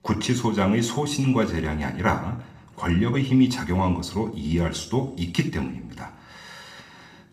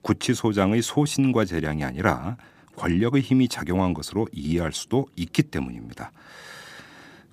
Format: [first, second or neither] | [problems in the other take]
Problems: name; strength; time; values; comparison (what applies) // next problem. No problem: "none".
second | room echo; slight; dies away in 0.5 s